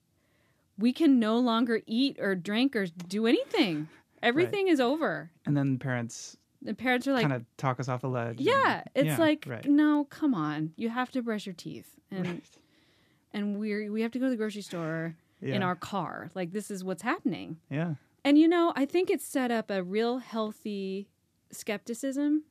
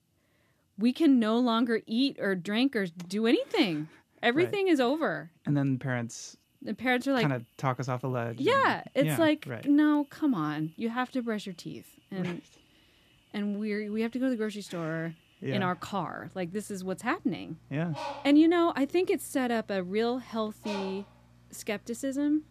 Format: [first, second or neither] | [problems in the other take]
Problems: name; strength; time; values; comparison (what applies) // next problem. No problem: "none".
first | animal sounds; faint; throughout; 20 dB below the speech